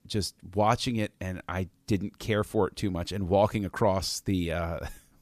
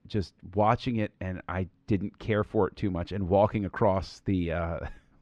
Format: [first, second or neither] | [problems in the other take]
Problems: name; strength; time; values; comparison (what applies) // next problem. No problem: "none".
first | muffled; slightly; fading above 2.5 kHz